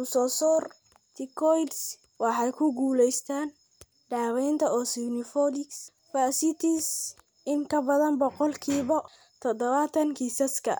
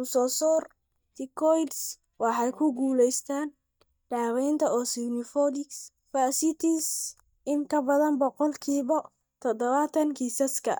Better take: first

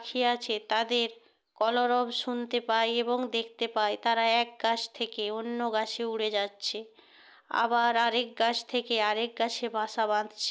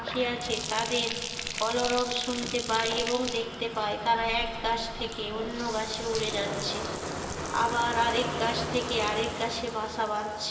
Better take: first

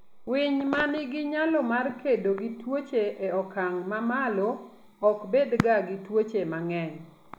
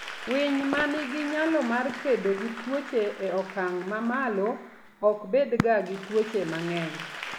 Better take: first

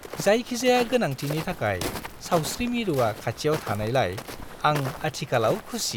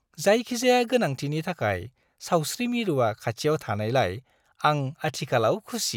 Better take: second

